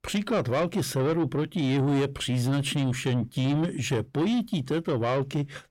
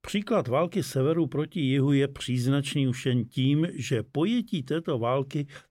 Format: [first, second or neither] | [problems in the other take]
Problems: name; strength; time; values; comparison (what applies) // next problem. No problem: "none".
second | distortion; slight; 10 dB below the speech